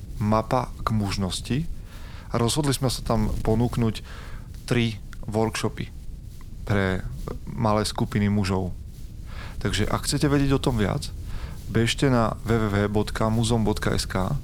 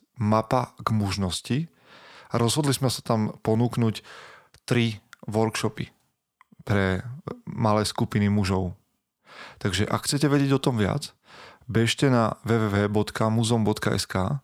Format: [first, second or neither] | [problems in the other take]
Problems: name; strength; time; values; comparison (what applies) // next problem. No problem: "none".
second | wind noise on the microphone; occasional gusts; 25 dB below the speech